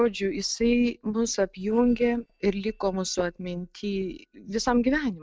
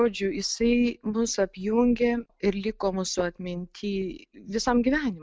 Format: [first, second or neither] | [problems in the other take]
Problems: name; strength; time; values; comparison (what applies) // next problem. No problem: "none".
second | noise reduction (neural separator model SepFormer DNS4)